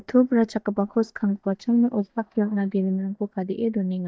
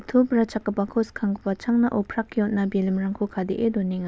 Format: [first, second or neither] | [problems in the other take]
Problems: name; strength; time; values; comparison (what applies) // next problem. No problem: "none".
second | noise reduction (neural mask model DeepFilterNet 3)